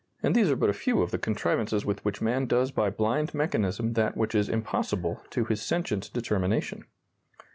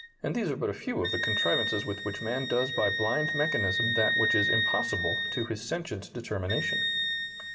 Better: first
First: none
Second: background sound (Wind instrument, woodwind instrument); as loud as the speech // room echo; dies away in 1.7 s

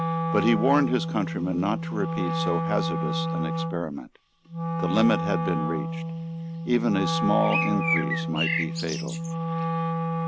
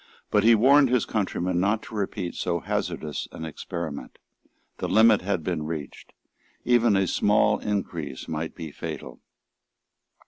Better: second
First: background sound (Wind instrument, woodwind instrument + Bird); as loud as the speech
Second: none

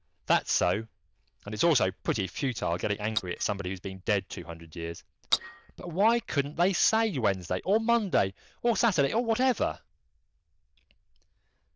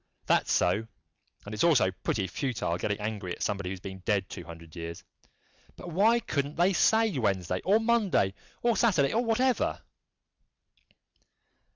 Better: second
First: noise reduction (neural diffusion model UNIVERSE++)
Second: none

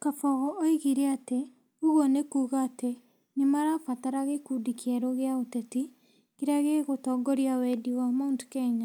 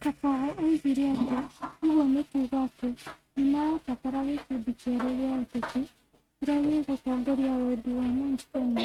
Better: first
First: none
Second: noise reduction (neural mask model RNNoise)

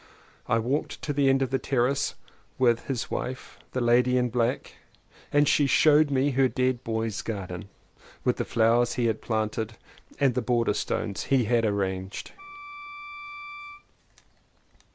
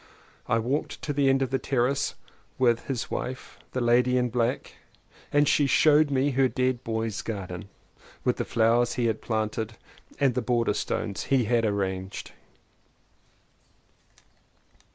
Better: second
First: background sound (Wind instrument, woodwind instrument); 15 dB below the speech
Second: none

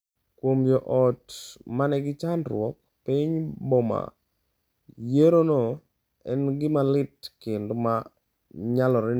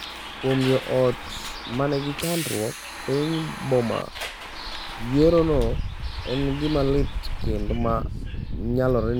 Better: first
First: none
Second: background sound (Bus); 5 dB below the speech

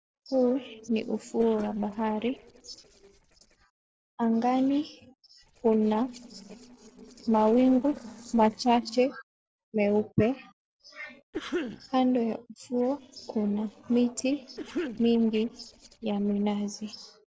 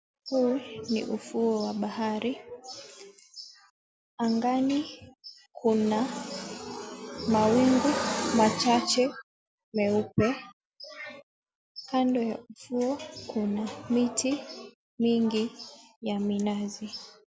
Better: second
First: noise reduction (neural separator model SepFormer DNS4)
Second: none

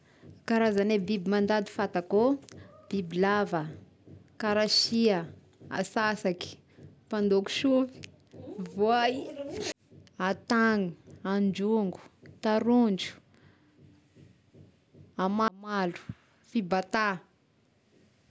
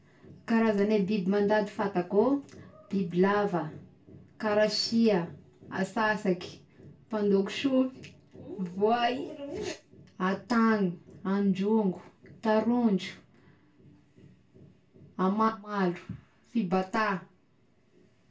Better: first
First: none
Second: room echo; dies away in 0.2 s

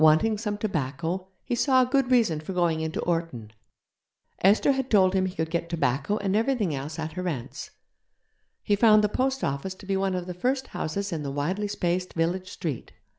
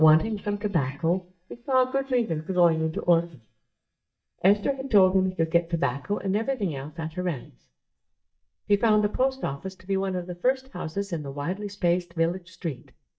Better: first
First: none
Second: noise reduction (neural mask model DeepFilterNet 3)

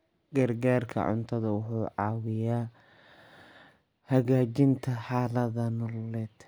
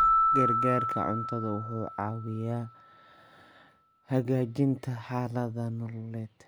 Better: first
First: none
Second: background sound (Keyboard (musical)); as loud as the speech

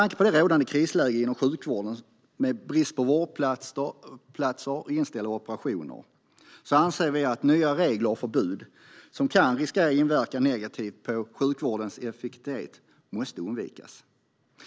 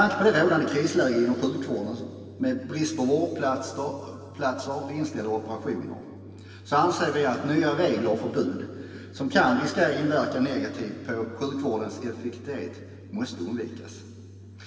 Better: first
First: none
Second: background sound (Organ); 19 dB below the speech // room echo; dies away in 2.9 s

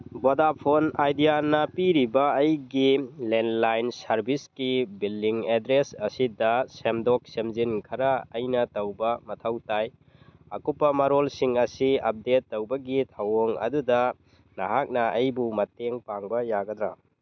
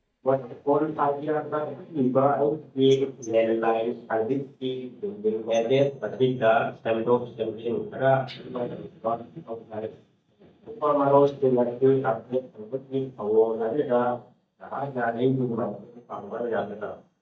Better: first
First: none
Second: noise reduction (neural mask model DeepFilterNet 3)

